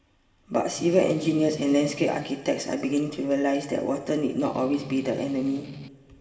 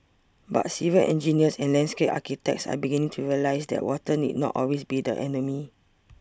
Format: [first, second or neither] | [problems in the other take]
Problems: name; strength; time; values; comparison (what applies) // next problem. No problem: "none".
second | background sound (Strum); 15 dB below the speech // room echo; dies away in 1.9 s